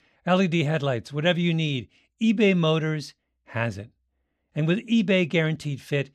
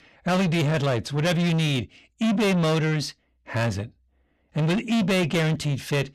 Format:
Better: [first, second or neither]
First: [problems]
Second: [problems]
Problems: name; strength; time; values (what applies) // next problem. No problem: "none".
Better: first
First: none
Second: distortion; heavy; 7 dB below the speech